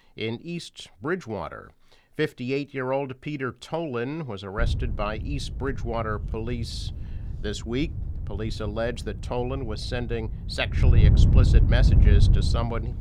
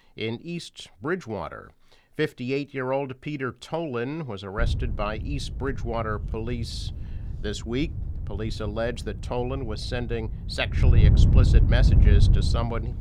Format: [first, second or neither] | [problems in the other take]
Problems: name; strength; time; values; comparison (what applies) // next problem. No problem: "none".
neither | wind noise on the microphone; heavy; from 4.5 s on; 7 dB below the speech; the same in both